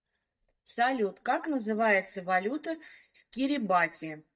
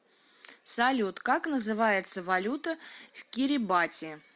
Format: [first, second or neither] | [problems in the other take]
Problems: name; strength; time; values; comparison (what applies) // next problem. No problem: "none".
second | noise reduction (neural mask model DeepFilterNet 3)